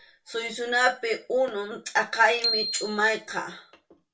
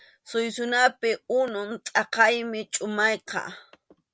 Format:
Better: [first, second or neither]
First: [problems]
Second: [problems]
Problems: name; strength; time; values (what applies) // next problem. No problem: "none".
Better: second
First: background sound (Bicycle bell); 5 dB below the speech // room echo; dies away in 0.2 s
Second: none